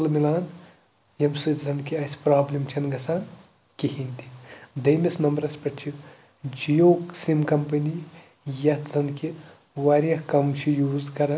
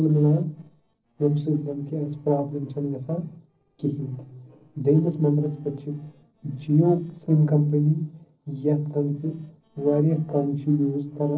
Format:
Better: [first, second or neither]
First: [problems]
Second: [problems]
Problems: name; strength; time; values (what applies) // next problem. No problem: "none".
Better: first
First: none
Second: noise reduction (neural separator model SepFormer DNS4)